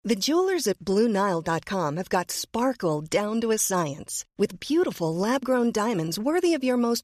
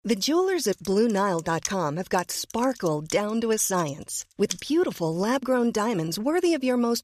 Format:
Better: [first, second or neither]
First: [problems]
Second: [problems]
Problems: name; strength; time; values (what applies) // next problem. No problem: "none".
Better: first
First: none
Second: keyboard typing; noticeable; from 0.5 to 4.5 s; peak 8 dB below the speech